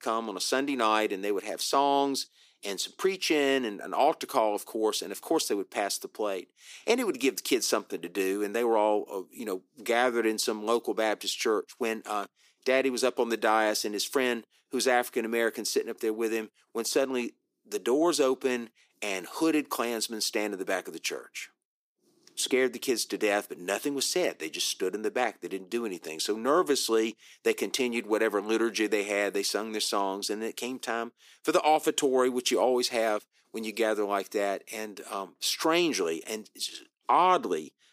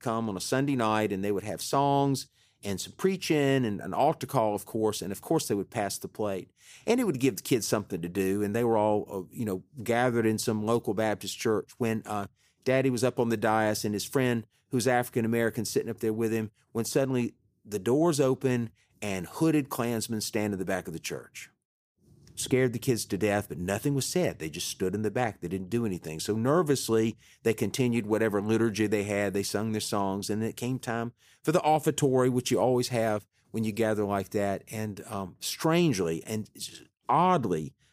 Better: second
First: thin; somewhat; fading below 300 Hz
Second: none

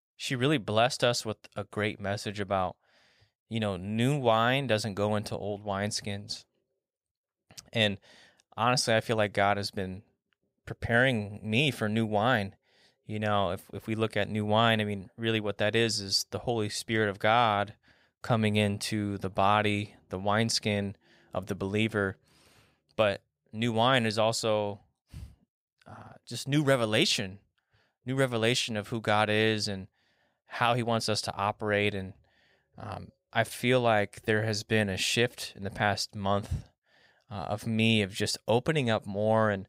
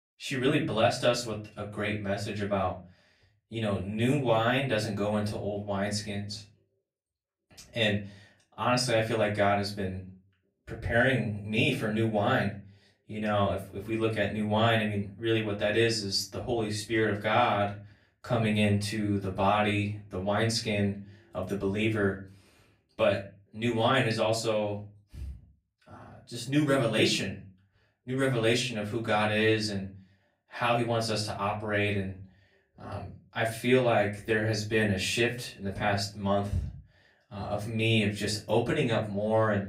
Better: first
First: none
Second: off-mic speech; far // room echo; slight; dies away in 0.4 s

